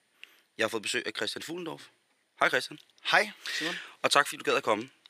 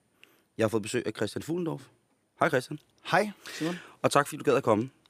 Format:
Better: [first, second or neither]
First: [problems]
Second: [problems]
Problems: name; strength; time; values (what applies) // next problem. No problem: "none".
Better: second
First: thin; somewhat; fading below 650 Hz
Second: none